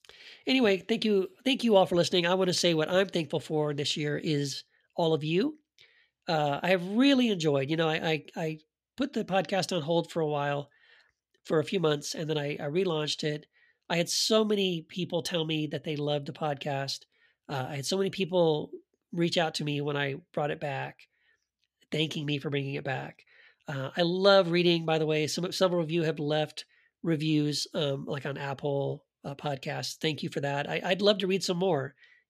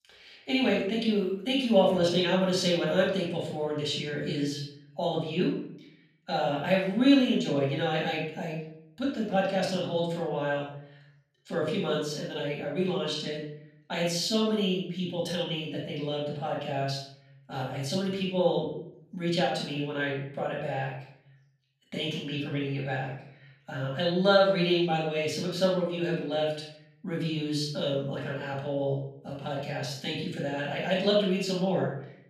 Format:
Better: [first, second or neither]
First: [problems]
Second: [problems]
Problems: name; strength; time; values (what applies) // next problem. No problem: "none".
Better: first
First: none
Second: off-mic speech; far // room echo; noticeable; dies away in 0.6 s